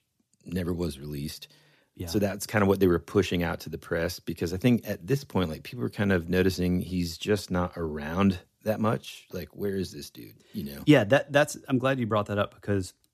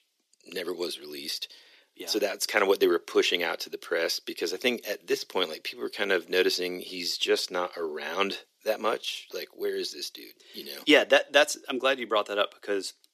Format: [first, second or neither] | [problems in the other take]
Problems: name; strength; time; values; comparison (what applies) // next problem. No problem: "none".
first | thin; somewhat; fading below 350 Hz